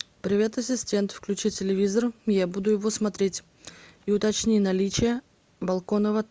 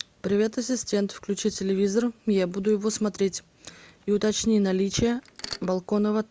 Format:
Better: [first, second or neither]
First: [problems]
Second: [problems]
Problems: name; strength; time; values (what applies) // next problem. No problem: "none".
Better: first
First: none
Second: background sound (Mechanisms); 13 dB below the speech